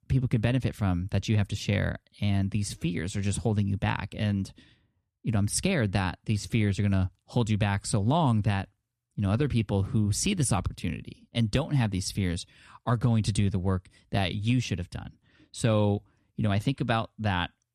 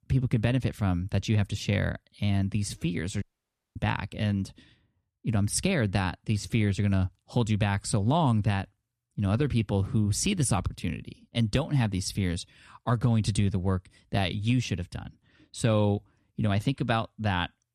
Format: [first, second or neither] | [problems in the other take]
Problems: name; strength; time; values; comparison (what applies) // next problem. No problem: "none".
first | audio cutting out; at 3 s for 0.5 s